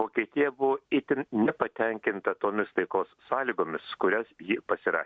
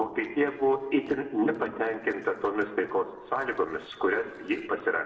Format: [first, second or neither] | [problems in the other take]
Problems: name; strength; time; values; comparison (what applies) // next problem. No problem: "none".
first | noise reduction (neural separator model SepFormer DNS4)